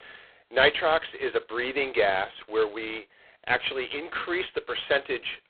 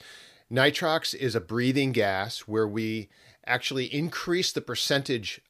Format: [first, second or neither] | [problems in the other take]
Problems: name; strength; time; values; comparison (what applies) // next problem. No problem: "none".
second | phone-call audio; poor line